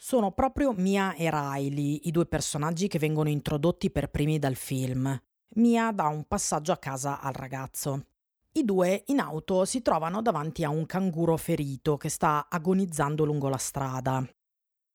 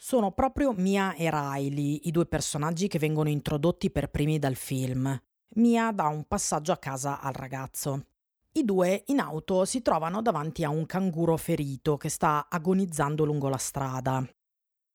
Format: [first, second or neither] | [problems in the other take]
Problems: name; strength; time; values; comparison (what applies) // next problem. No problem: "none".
neither | none